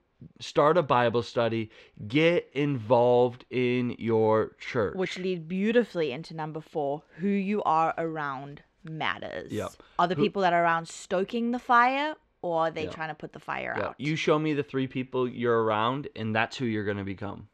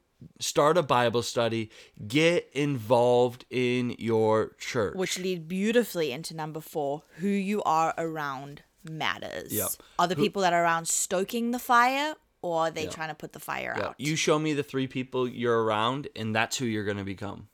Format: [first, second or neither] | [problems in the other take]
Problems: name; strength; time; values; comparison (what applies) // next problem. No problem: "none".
second | muffled; slightly; fading above 3 kHz